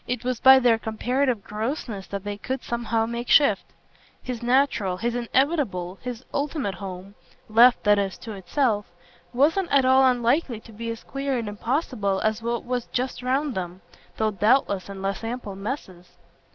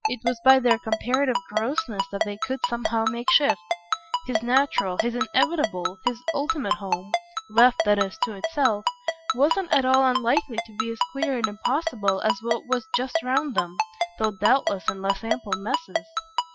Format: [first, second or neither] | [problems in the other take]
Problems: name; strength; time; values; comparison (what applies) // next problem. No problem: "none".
first | noise reduction (classical method Wiener filter)